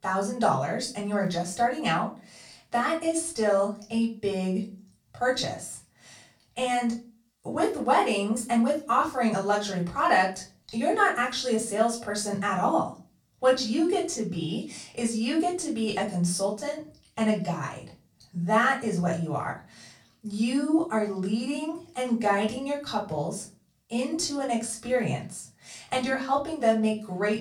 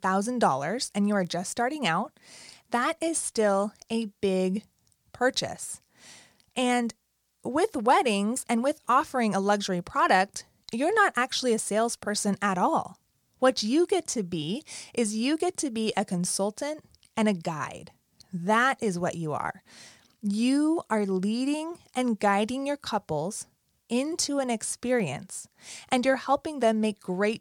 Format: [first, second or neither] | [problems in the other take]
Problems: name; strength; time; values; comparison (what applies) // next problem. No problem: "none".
second | off-mic speech; far // room echo; slight; dies away in 0.3 s